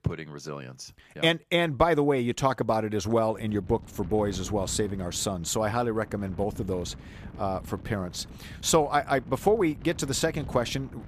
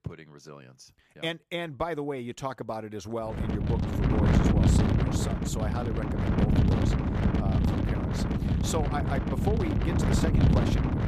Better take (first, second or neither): first